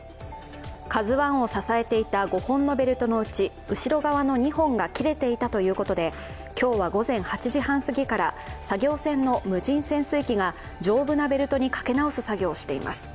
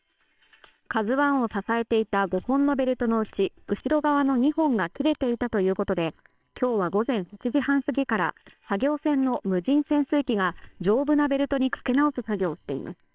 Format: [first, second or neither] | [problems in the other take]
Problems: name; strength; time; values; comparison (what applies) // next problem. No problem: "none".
first | noise reduction (neural separator model SepFormer WHAMR!)